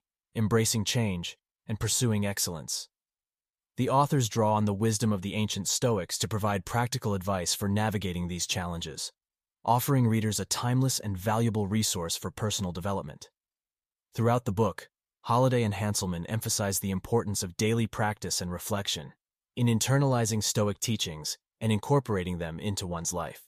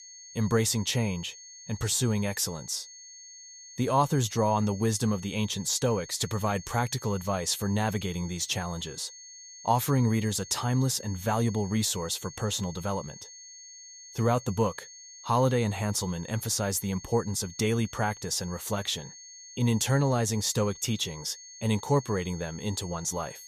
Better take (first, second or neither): first